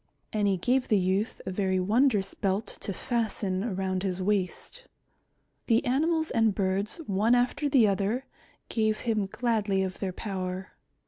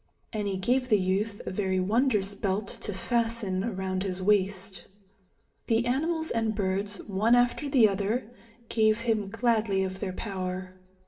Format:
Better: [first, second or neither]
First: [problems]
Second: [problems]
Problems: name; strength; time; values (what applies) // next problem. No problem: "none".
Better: first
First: none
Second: room echo; dies away in 0.8 s